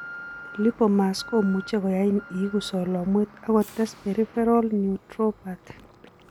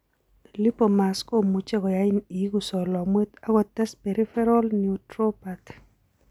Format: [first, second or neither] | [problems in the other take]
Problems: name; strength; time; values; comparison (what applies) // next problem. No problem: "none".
second | background sound (Alarm); 19 dB below the speech